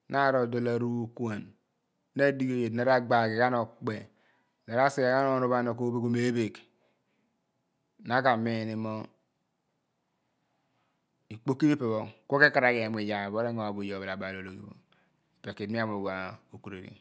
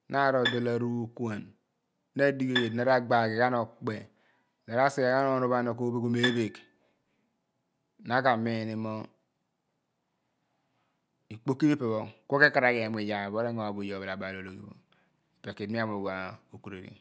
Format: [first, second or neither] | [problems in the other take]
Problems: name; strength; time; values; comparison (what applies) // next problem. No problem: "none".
first | background sound (Bowed string instrument); 7 dB below the speech